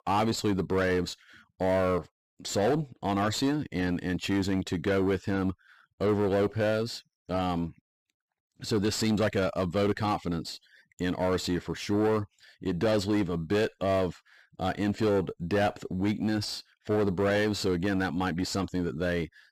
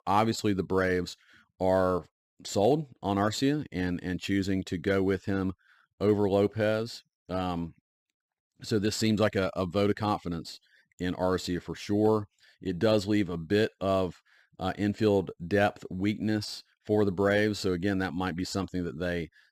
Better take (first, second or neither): second